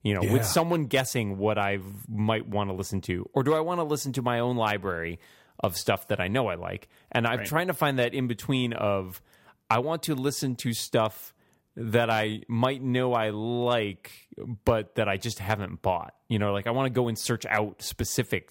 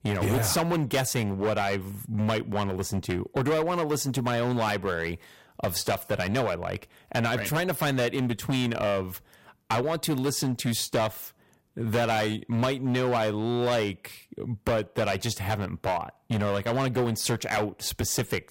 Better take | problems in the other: first | distortion; heavy; 12% of the sound clipped

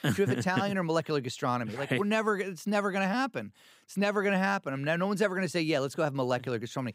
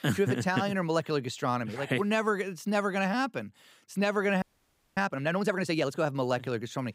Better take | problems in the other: first | audio freezing; at 4.5 s for 0.5 s

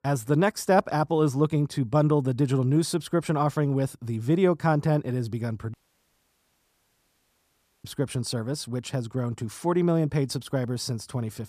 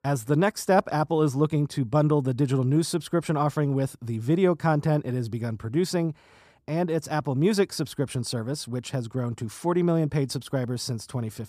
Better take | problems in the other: second | audio cutting out; at 5.5 s for 2 s

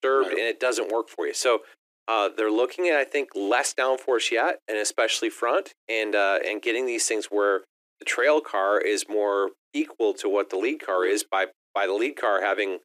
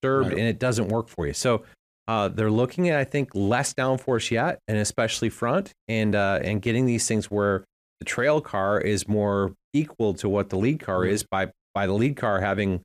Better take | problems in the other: second | thin; very; fading below 300 Hz

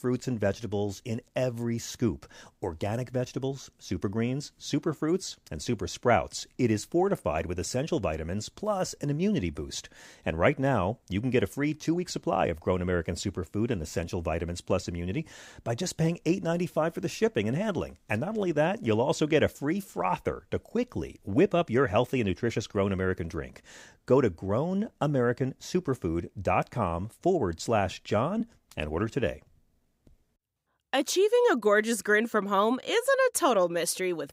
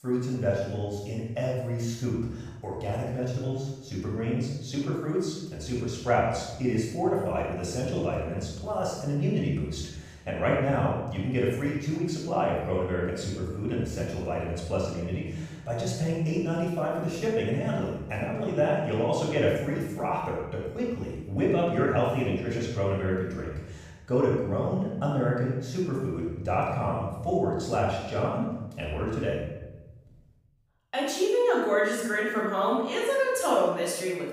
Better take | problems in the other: first | off-mic speech; far // room echo; strong; dies away in 1 s

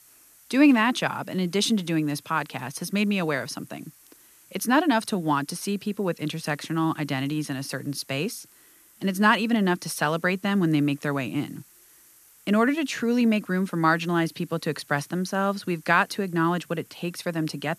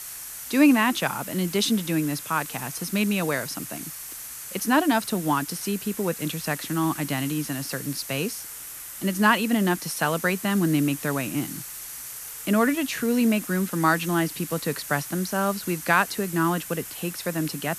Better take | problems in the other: first | hiss; loud; throughout; 10 dB below the speech; faint in the first

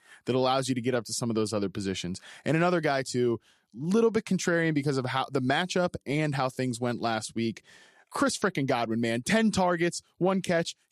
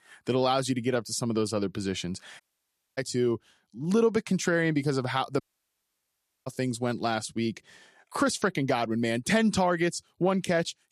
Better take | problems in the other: first | audio cutting out; at 2.5 s for 0.5 s and at 5.5 s for 1 s

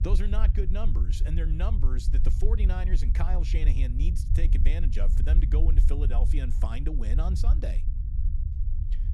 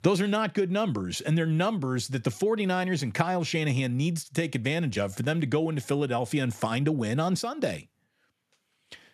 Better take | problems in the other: second | low rumble; loud; throughout; 6 dB below the speech

